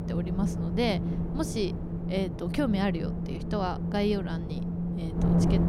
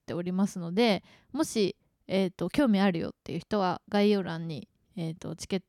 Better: second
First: wind noise on the microphone; heavy; 6 dB below the speech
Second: none

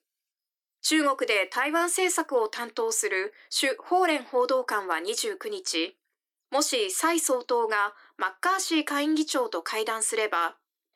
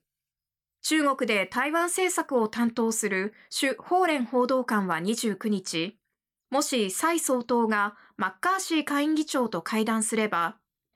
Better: second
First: thin; somewhat; fading below 300 Hz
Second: none

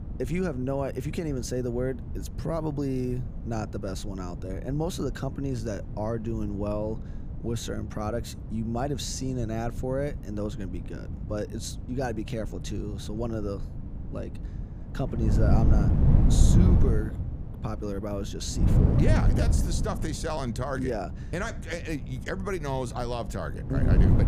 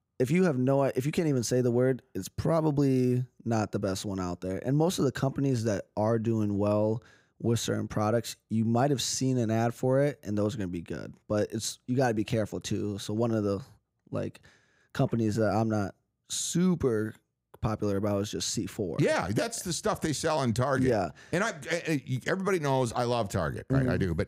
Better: second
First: wind noise on the microphone; heavy; 7 dB below the speech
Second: none

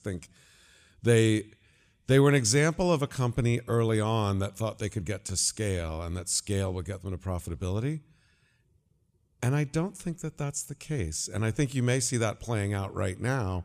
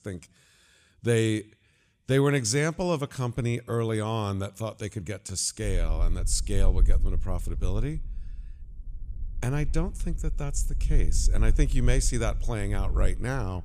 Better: first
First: none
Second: low rumble; faint; from 5.5 s on; 20 dB below the speech

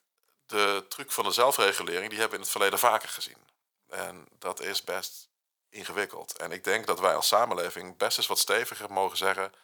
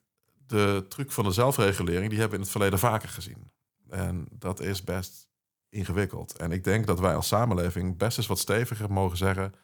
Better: second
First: thin; very; fading below 650 Hz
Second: none

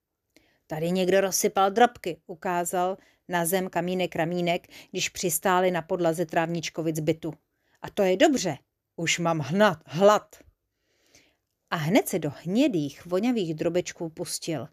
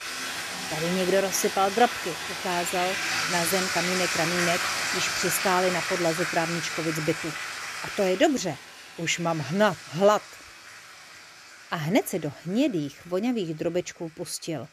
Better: first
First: none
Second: household noises; loud; throughout; 2 dB below the speech

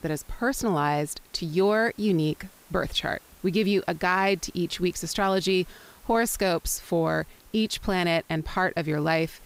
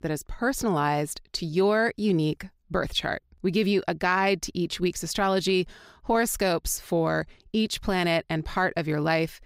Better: second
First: hiss; faint; throughout; 25 dB below the speech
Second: none

